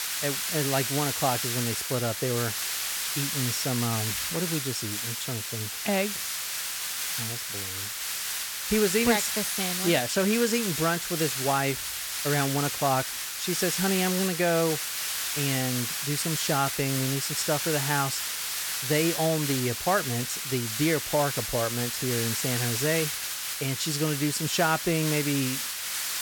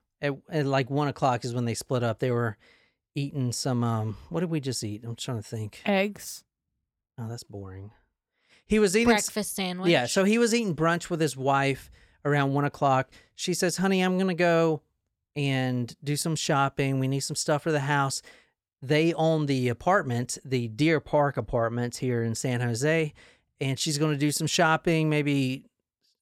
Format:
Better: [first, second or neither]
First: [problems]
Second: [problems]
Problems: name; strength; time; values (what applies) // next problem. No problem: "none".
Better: second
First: hiss; loud; throughout; 1 dB below the speech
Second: none